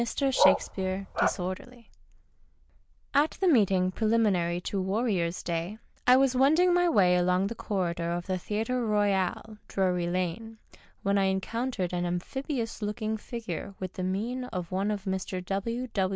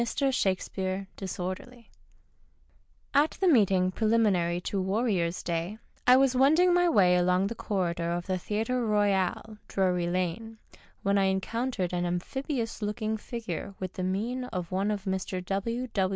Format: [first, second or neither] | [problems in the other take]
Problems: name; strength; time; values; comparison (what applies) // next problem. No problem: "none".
second | background sound (Bark); 1 dB below the speech